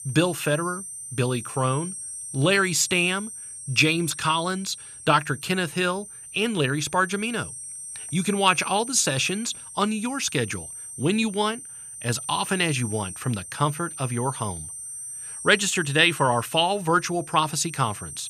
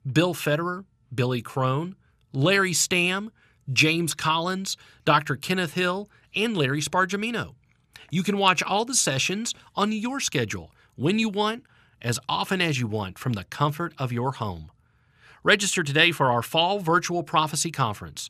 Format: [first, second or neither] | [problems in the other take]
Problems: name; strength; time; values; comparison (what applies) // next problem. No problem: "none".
second | high-pitched whine; noticeable; throughout; 8.5 kHz, 10 dB below the speech